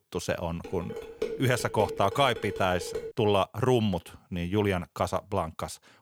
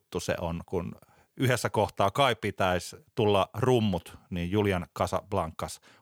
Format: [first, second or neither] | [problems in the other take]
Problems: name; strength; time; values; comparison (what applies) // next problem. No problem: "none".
second | clattering dishes; noticeable; from 0.5 to 3 s; peak 6 dB below the speech